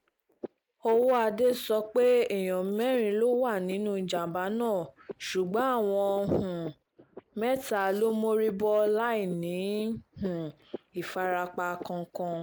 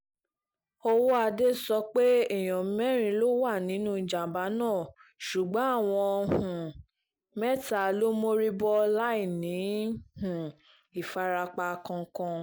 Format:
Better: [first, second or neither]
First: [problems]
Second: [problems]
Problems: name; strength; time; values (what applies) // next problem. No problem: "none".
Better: second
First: noise reduction (neural mask model Resemble Enhance denoiser)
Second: none